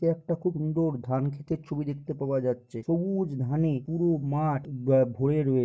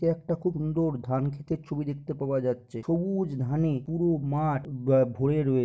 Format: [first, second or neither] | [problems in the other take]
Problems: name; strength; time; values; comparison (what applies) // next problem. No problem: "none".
second | noise reduction (neural mask model DeepFilterNet 3)